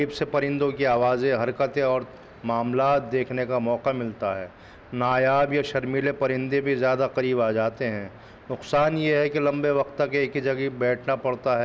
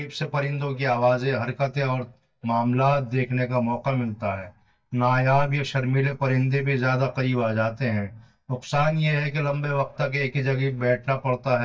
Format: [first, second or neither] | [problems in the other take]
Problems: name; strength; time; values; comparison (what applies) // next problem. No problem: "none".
first | noise reduction (neural mask model DeepFilterNet 3)